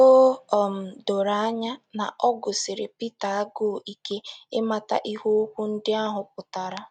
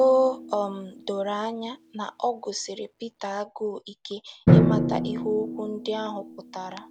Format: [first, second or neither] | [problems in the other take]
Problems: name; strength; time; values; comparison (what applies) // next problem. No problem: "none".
first | background sound (Drum); 1 dB above the speech